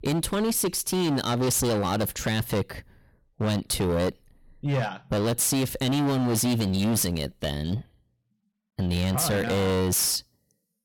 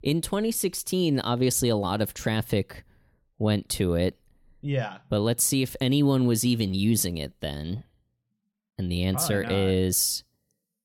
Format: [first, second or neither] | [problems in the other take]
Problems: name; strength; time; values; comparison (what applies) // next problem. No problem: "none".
second | distortion; heavy; 21% of the sound clipped